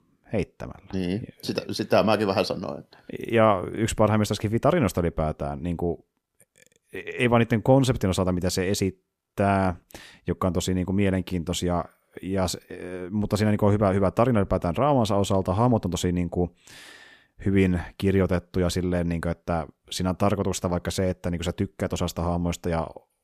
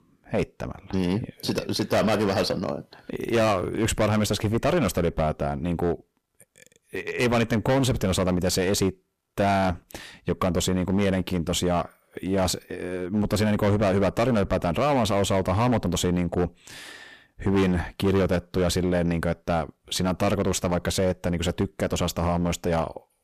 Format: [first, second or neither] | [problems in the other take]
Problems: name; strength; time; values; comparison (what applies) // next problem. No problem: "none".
first | distortion; heavy; 15% of the sound clipped